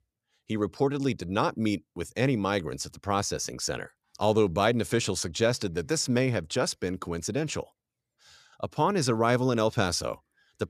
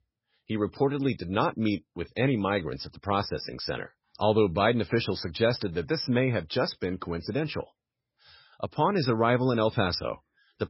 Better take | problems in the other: first | garbled, watery; badly; nothing above 5.5 kHz

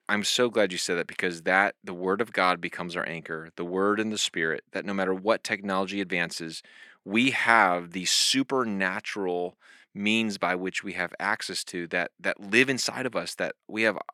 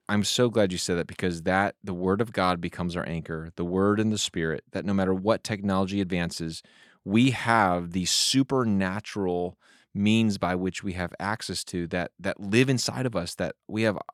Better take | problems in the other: second | thin; very slightly; fading below 250 Hz

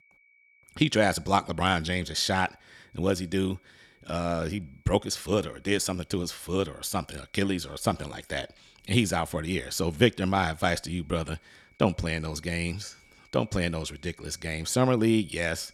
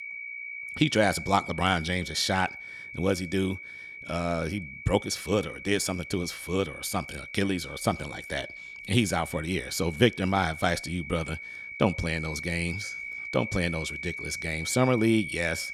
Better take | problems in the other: first | high-pitched whine; loud; throughout; 2.5 kHz, 9 dB below the speech; faint in the first

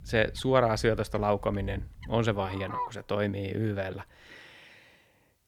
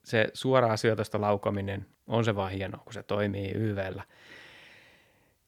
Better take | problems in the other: second | animal sounds; noticeable; until 4.5 s; 15 dB below the speech

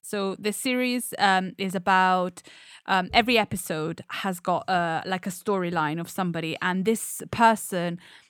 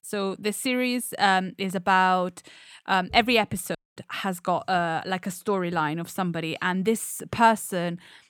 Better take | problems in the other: first | audio cutting out; at 4 s

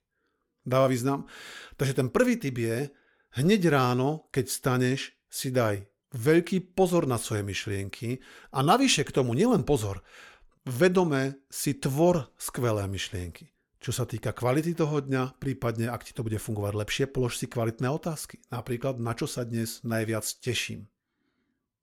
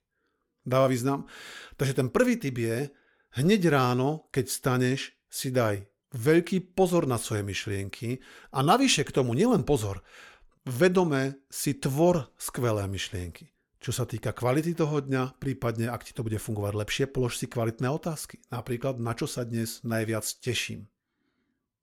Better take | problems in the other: neither | none

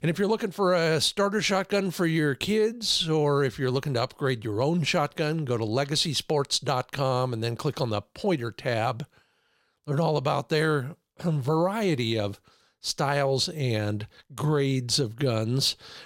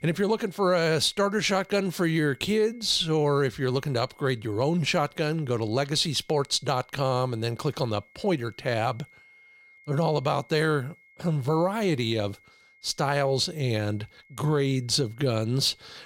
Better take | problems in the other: first | high-pitched whine; faint; throughout; 2 kHz, 30 dB below the speech

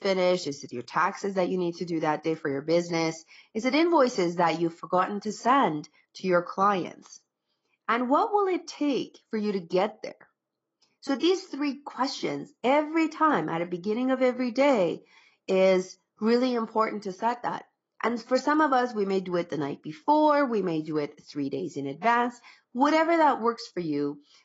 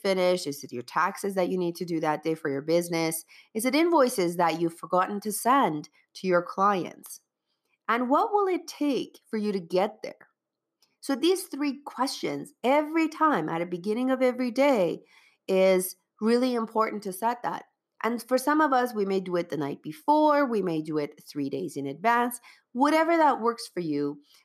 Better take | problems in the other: second | garbled, watery; badly; nothing above 7.5 kHz

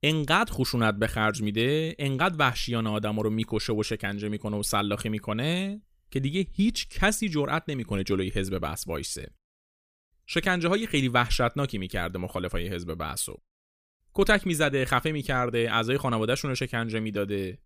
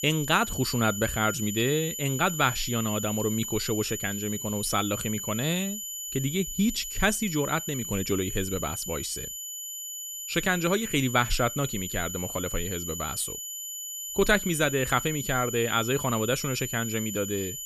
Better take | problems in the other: first | high-pitched whine; loud; throughout; 7 kHz, 5 dB below the speech

